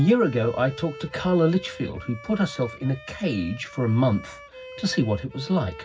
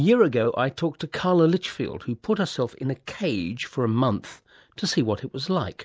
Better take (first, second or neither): second